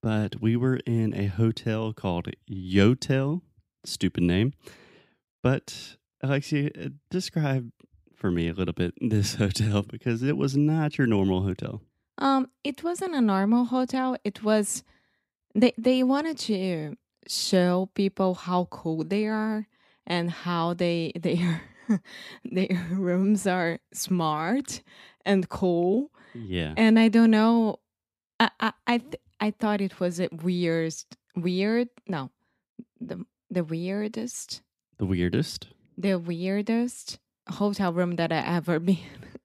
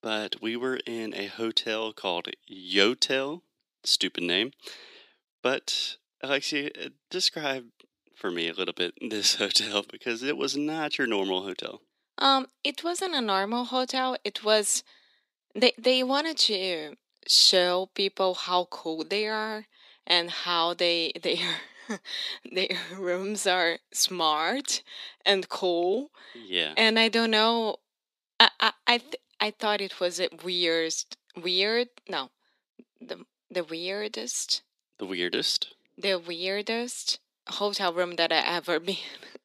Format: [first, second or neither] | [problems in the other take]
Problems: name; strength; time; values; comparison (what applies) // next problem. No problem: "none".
first | thin; somewhat; fading below 350 Hz